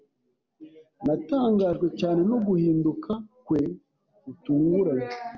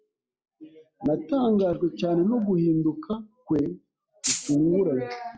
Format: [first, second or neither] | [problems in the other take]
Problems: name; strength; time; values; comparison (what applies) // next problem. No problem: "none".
first | noise reduction (classical method log-MMSE)